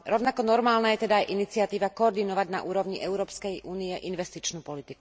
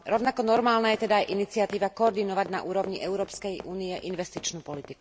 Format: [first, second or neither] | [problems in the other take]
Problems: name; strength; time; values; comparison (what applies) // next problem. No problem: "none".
first | background sound (Run); 18 dB below the speech